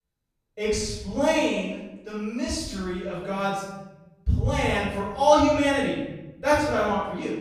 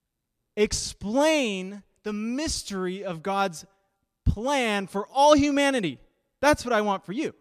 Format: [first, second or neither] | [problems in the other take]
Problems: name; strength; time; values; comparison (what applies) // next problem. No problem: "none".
second | off-mic speech; far // room echo; strong; dies away in 1.1 s